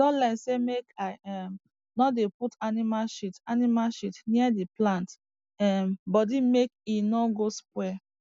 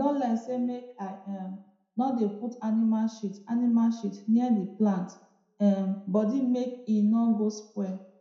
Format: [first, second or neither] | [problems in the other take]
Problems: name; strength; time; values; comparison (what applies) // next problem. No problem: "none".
first | room echo; dies away in 0.6 s